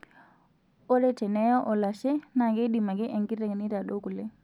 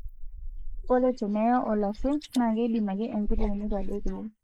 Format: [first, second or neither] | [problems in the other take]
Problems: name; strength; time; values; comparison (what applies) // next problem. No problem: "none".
first | noise reduction (neural mask model Resemble Enhance denoiser)